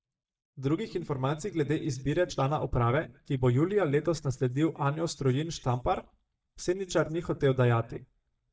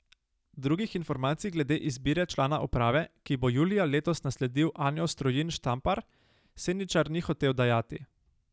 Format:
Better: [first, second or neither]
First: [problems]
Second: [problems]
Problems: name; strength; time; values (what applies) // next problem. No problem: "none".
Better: second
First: noise reduction (neural mask model DeepFilterNet 3)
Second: none